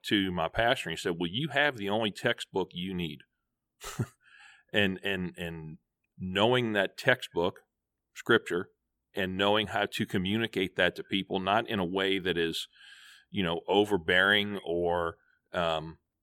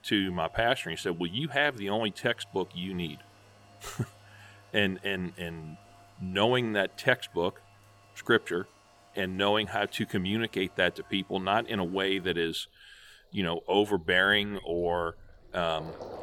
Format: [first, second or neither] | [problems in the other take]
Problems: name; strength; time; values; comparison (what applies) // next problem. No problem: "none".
first | rain or running water; faint; throughout; 25 dB below the speech